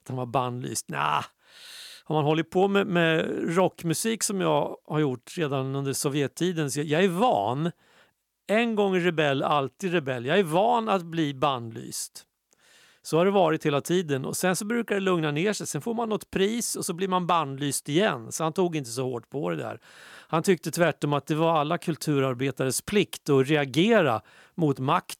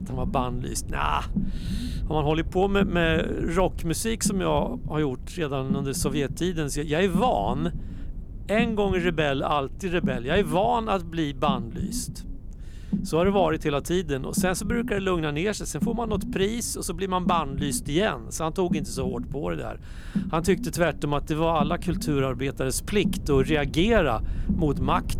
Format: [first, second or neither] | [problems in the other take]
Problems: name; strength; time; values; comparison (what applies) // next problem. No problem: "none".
first | low rumble; noticeable; throughout; 15 dB below the speech